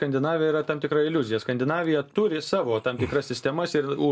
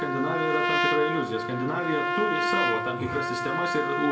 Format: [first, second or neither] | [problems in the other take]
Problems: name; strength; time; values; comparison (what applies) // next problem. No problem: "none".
first | background sound (Trumpet); 2 dB above the speech // room echo; dies away in 0.6 s